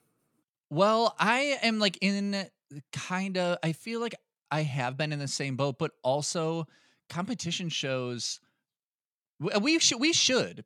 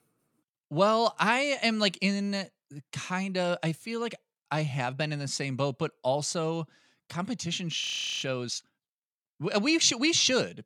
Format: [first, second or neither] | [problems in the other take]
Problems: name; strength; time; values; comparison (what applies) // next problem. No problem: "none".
first | audio freezing; at 8 s